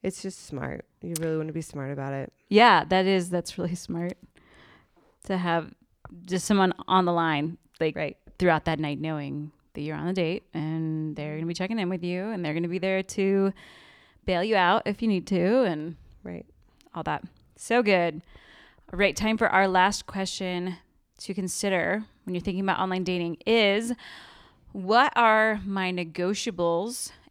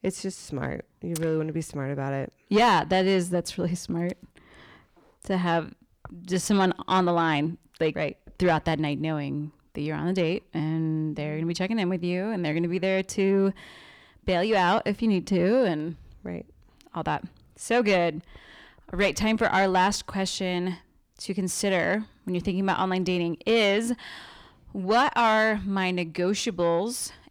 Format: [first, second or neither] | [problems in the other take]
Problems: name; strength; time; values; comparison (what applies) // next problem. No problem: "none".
first | distortion; slight; 10 dB below the speech